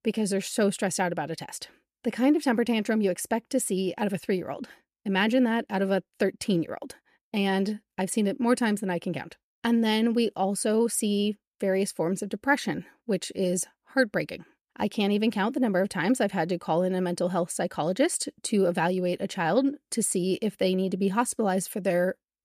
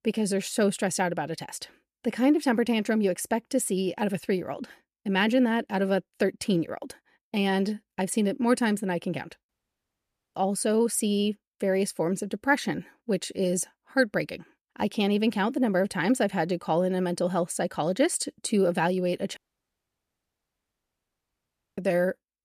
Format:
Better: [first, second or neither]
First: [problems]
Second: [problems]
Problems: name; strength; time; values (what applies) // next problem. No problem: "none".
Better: first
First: none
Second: audio cutting out; at 9.5 s for 1 s and at 19 s for 2.5 s